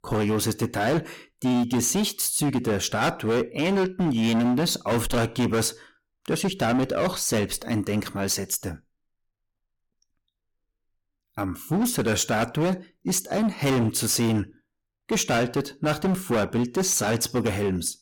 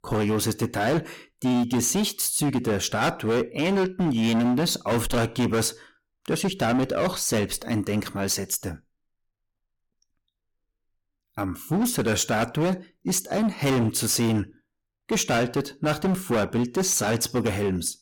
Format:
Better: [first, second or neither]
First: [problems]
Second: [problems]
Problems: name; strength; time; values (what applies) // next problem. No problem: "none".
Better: neither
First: distortion; heavy; 16% of the sound clipped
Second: distortion; heavy; 16% of the sound clipped